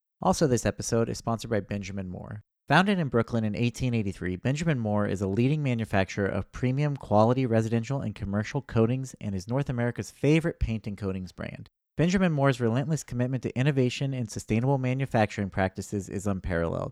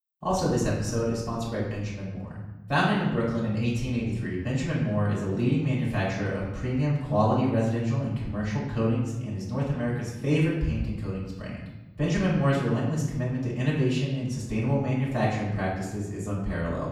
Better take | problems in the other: first | off-mic speech; far // room echo; noticeable; dies away in 1 s

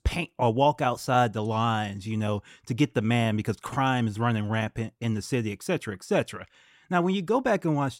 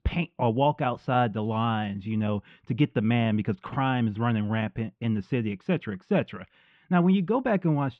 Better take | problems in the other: first | muffled; very; fading above 3 kHz

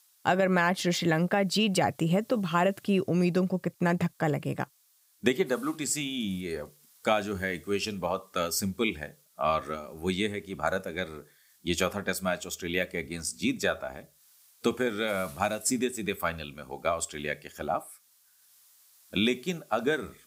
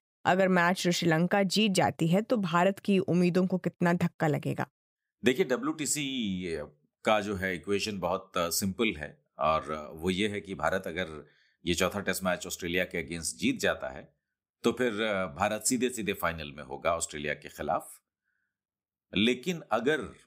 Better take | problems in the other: second | hiss; faint; throughout; 30 dB below the speech

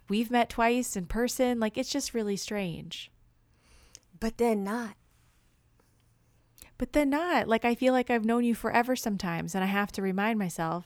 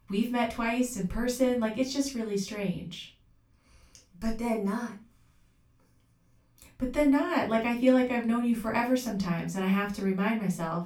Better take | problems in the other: first | off-mic speech; somewhat distant // room echo; very slight; dies away in 0.2 s

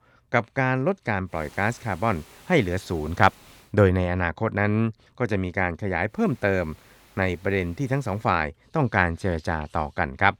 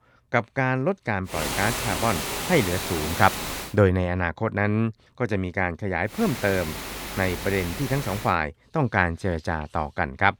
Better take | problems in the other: first | hiss; loud; from 1.5 to 3.5 s and from 6 to 8.5 s; 5 dB below the speech; faint in the first

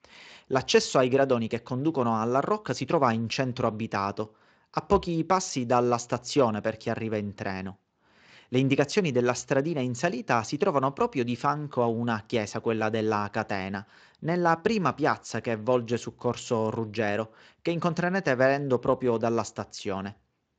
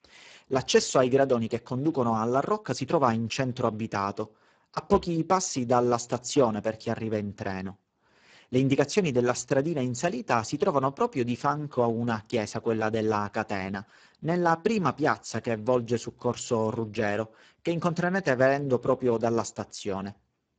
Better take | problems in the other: first | garbled, watery; badly; nothing above 7.5 kHz; slightly in the first

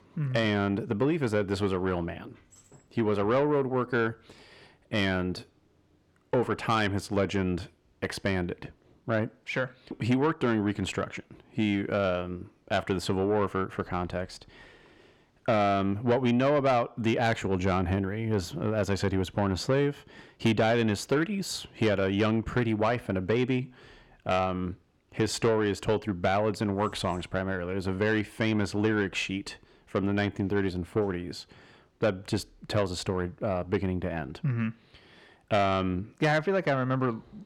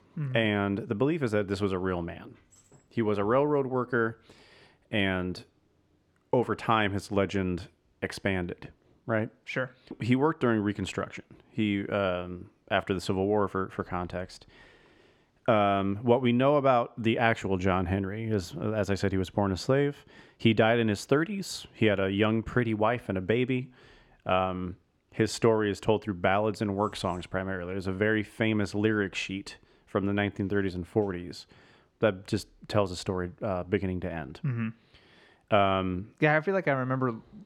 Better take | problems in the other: second | distortion; slight; 10 dB below the speech

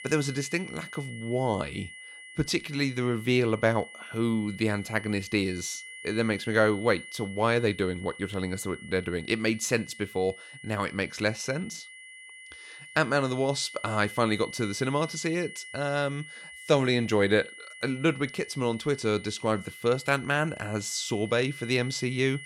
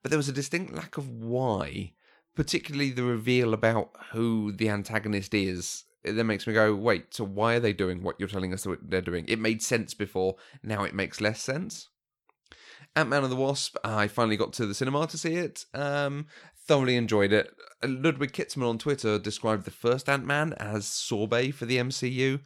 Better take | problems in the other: second | high-pitched whine; noticeable; throughout; 2 kHz, 15 dB below the speech

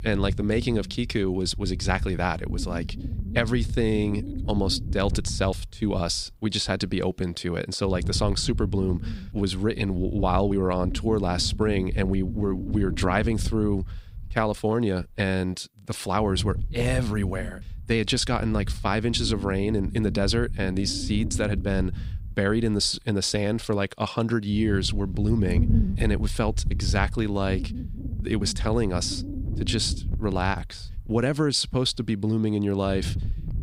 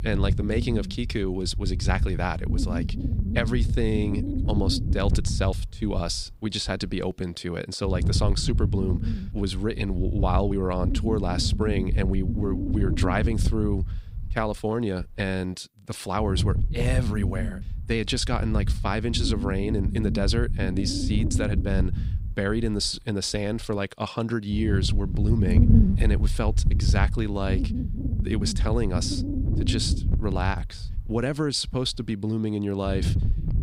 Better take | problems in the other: first | wind noise on the microphone; heavy; 8 dB below the speech; occasional gusts in the first

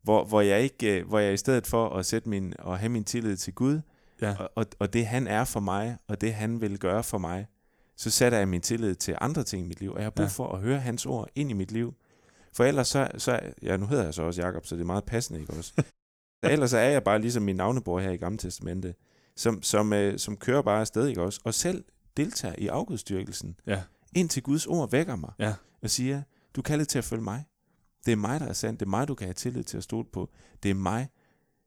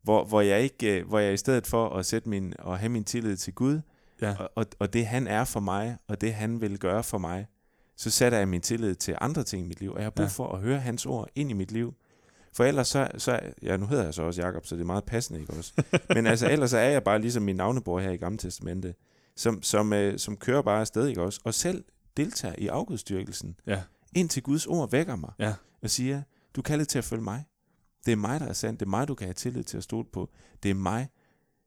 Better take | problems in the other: second | audio cutting out; at 16 s for 0.5 s

